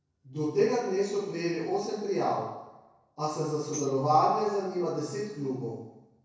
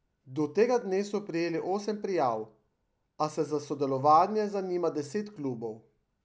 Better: second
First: noise reduction (neural separator model SepFormer DNS4)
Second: none

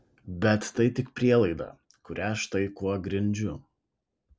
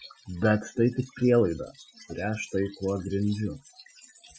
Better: first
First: none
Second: noise reduction (classical method Wiener filter)

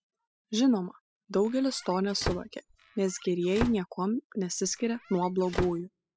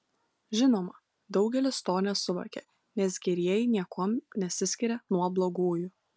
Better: second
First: noise reduction (classical method spectral subtraction)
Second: none

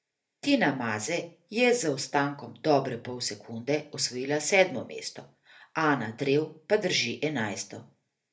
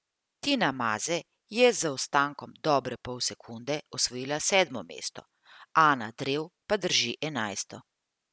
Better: second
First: room echo; dies away in 0.3 s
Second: none

